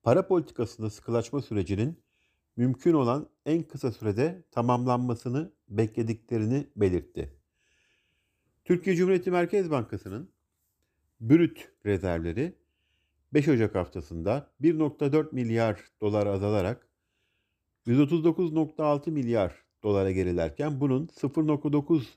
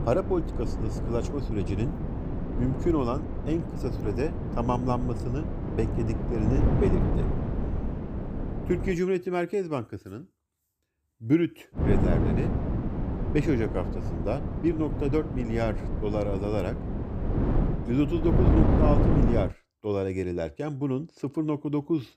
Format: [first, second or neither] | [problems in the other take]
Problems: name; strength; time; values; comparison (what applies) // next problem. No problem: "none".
first | wind noise on the microphone; heavy; until 9 s and from 12 to 19 s; 4 dB below the speech